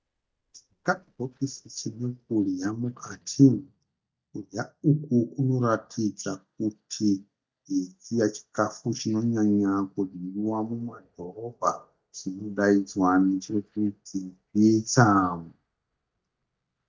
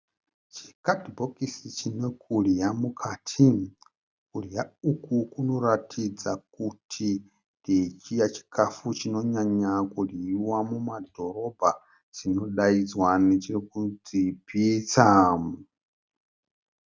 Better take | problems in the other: second | noise reduction (neural mask model DeepFilterNet 3)

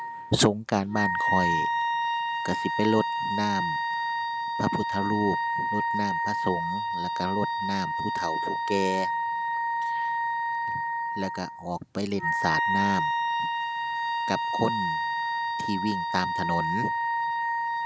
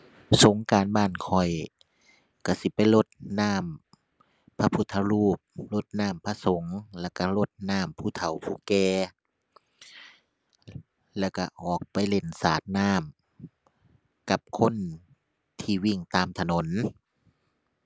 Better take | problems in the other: second | background sound (Wind instrument, woodwind instrument); 3 dB above the speech

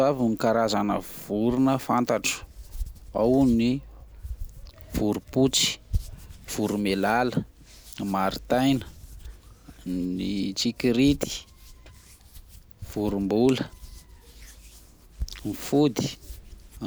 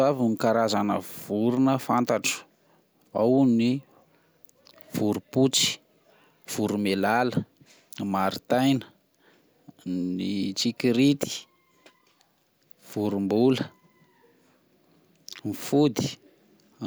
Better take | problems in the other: second | background sound (Hands); 14 dB below the speech

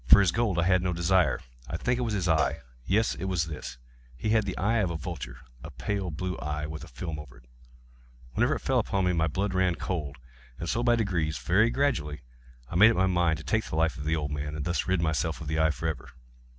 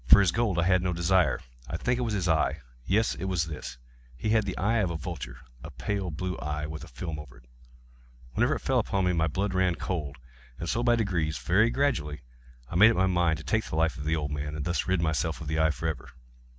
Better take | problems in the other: second | background sound (Cowbell); 18 dB below the speech

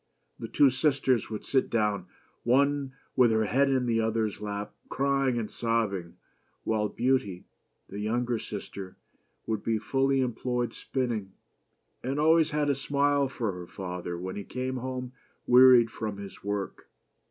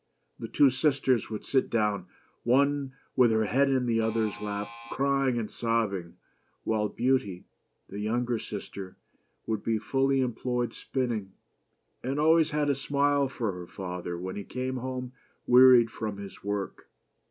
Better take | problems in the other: first | background sound (Alarm); 16 dB below the speech

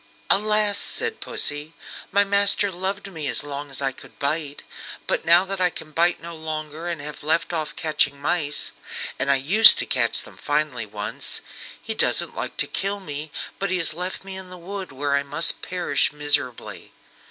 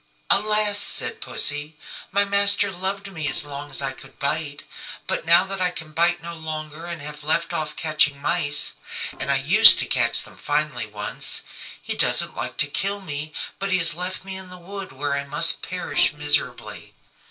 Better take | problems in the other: first | noise reduction (neural separator model SepFormer DNS4)

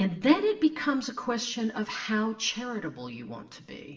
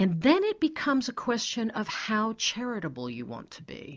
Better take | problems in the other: second | room echo; dies away in 0.7 s

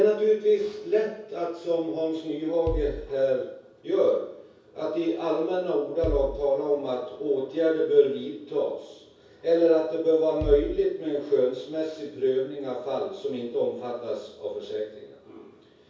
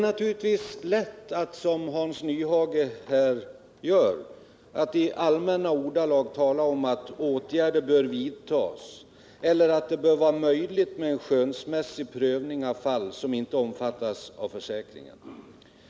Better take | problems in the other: second | background sound (Bass drum); 12 dB below the speech // room echo; dies away in 0.6 s

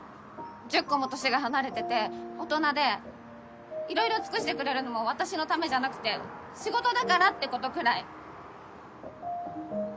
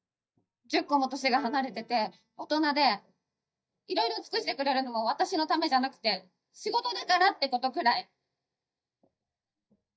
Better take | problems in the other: first | noise reduction (neural mask model DeepFilterNet 3)

